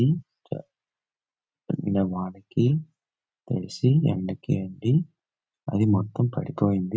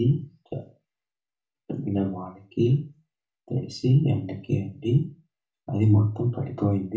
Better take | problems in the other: first | room echo; dies away in 0.3 s

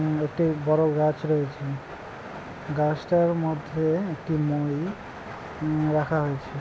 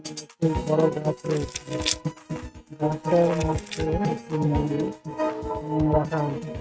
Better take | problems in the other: first | noise reduction (neural mask model RNNoise)

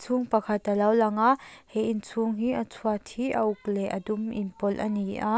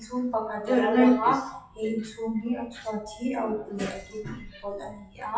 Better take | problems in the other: first | noise reduction (classical method WPE with log-MMSE)

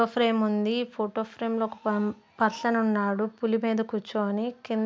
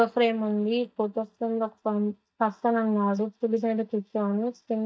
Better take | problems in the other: first | noise reduction (neural mask model DeepFilterNet 3)

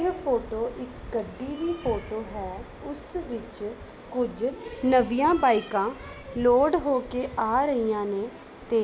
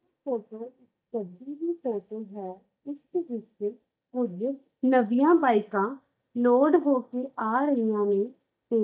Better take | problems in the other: first | noise reduction (neural mask model DeepFilterNet 3)

